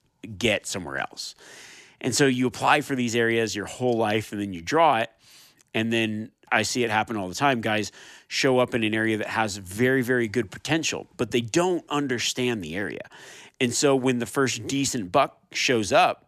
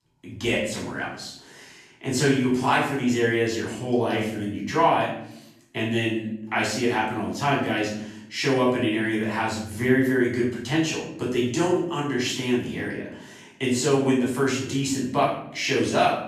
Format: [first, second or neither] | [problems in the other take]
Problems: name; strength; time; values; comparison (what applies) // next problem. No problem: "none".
first | off-mic speech; far // room echo; noticeable; dies away in 0.7 s